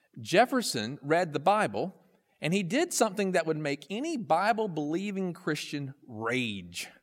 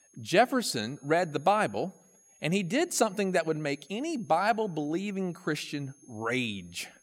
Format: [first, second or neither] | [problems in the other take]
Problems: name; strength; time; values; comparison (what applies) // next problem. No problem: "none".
first | high-pitched whine; faint; throughout; 6.5 kHz, 30 dB below the speech